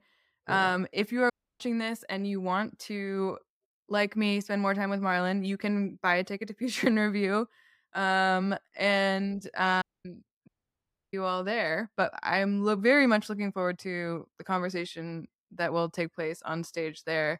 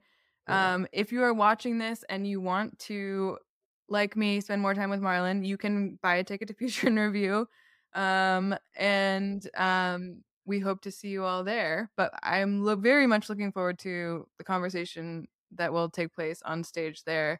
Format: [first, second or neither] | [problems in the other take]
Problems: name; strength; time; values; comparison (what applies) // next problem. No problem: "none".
second | audio cutting out; at 1.5 s and at 10 s for 0.5 s